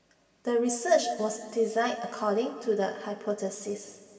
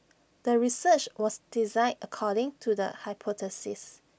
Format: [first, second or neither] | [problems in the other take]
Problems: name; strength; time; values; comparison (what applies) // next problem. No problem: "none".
second | room echo; dies away in 2.3 s